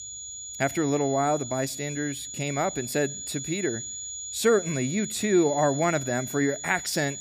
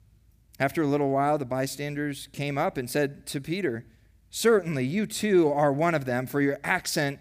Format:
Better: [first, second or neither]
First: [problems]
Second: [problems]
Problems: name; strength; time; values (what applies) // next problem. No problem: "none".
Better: second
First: high-pitched whine; loud; throughout; 7 kHz, 8 dB below the speech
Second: none